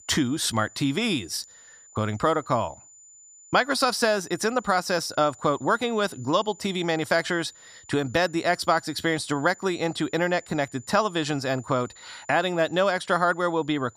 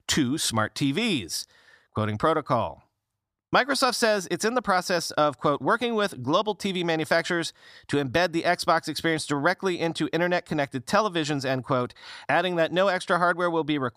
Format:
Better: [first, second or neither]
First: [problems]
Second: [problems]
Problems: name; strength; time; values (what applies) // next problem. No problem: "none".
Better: second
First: high-pitched whine; faint; throughout; 7 kHz, 25 dB below the speech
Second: none